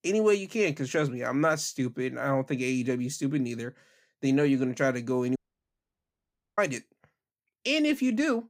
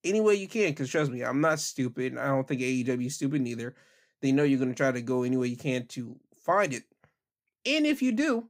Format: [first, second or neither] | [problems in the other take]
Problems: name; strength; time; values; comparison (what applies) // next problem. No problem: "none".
second | audio cutting out; at 5.5 s for 1 s